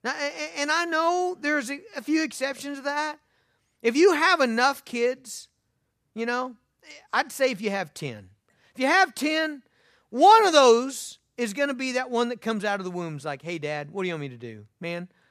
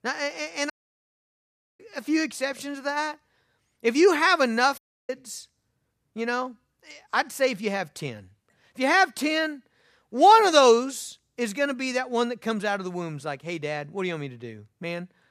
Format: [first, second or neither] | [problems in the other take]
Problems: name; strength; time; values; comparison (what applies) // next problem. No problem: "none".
first | audio cutting out; at 0.5 s for 1 s and at 5 s